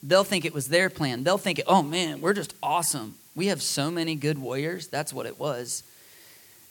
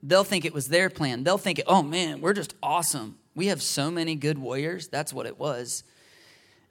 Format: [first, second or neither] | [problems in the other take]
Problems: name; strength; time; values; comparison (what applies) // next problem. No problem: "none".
second | hiss; faint; throughout; 25 dB below the speech